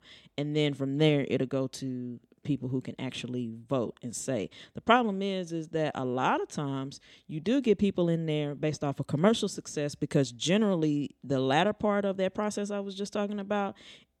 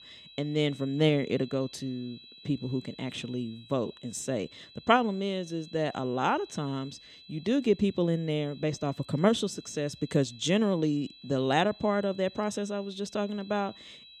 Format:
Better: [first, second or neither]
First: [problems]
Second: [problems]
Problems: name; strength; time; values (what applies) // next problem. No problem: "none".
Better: first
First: none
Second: high-pitched whine; faint; throughout; 4 kHz, 20 dB below the speech